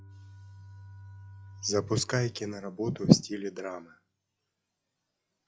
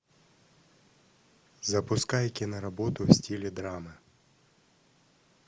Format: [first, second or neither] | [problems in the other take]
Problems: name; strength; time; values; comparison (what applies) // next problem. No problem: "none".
second | noise reduction (classical method log-MMSE)